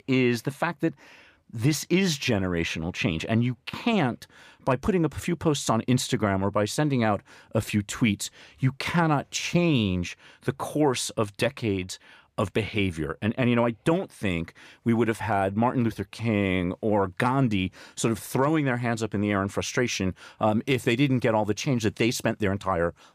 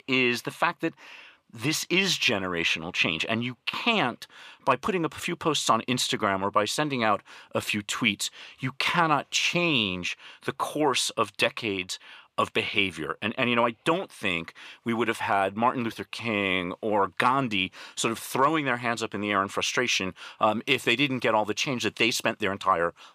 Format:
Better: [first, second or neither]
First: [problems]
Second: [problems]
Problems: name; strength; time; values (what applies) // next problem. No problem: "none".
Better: first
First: none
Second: thin; somewhat; fading below 750 Hz